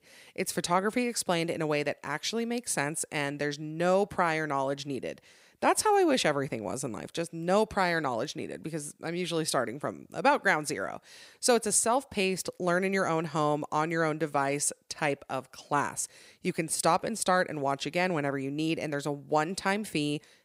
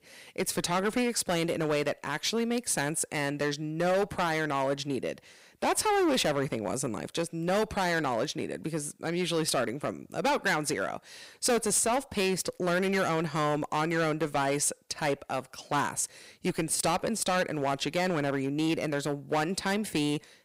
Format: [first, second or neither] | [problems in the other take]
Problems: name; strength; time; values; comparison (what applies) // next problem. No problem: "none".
first | distortion; heavy; 9% of the sound clipped